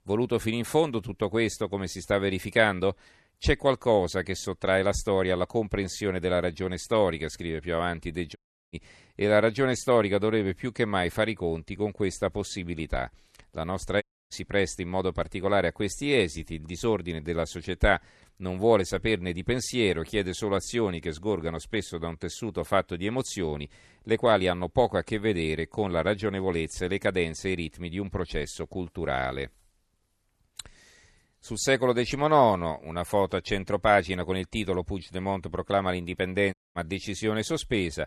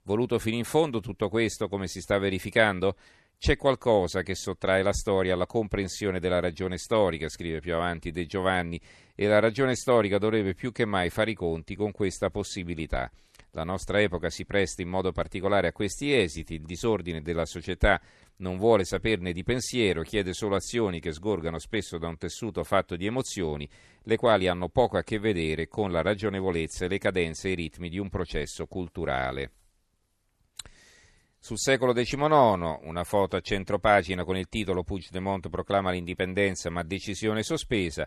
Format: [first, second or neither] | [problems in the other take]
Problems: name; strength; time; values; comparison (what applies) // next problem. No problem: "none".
second | audio cutting out; at 8.5 s, at 14 s and at 37 s